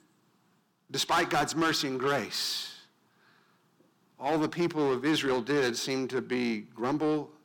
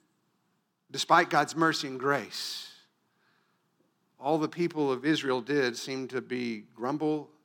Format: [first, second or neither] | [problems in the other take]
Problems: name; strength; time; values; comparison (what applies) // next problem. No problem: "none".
second | distortion; heavy; 7 dB below the speech